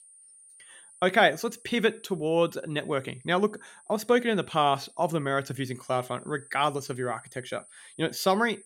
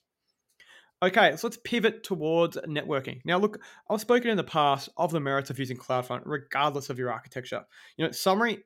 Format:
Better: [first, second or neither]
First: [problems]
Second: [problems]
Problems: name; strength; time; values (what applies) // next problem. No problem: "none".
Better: second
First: high-pitched whine; faint; throughout; 9.5 kHz, 25 dB below the speech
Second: none